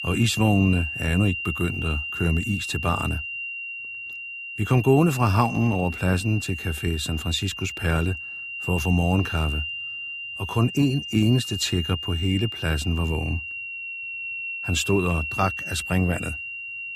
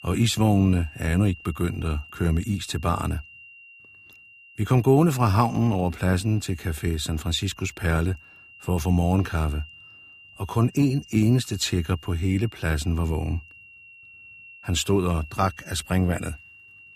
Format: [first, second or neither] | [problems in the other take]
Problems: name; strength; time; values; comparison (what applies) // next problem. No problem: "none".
second | high-pitched whine; loud; throughout; 3 kHz, 6 dB below the speech; faint in the second